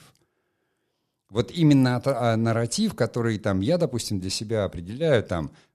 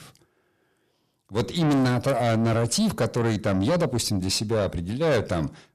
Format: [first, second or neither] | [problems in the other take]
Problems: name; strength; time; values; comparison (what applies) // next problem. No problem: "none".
first | distortion; heavy; 7 dB below the speech